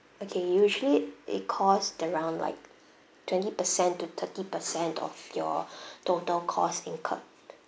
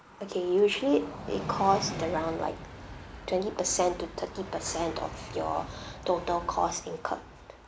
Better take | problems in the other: first | background sound (Train); 11 dB below the speech

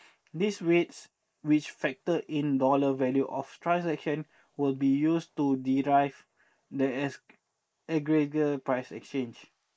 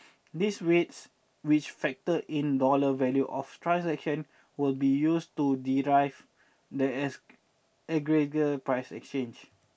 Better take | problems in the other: second | noise reduction (neural mask model Resemble Enhance denoiser)

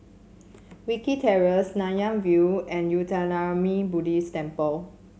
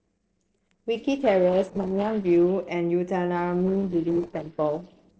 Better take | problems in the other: first | noise reduction (neural separator model SepFormer DNS4)

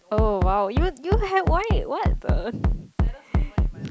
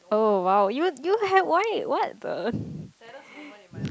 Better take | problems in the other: second | background sound (Bass drum); 3 dB above the speech

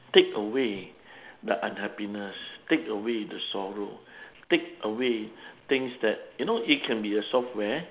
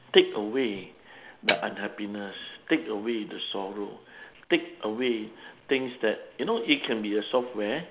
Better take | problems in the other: first | background sound (Snare drum); 4 dB below the speech

